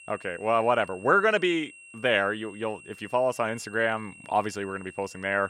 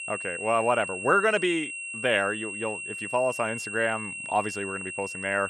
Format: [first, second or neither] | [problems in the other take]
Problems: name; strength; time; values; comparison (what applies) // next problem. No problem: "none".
first | high-pitched whine; loud; throughout; 2.5 kHz, 6 dB below the speech; faint in the first